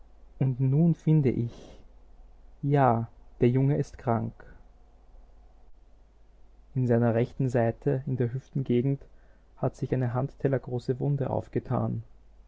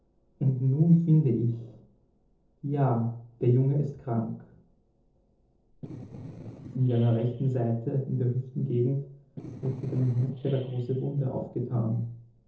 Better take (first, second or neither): first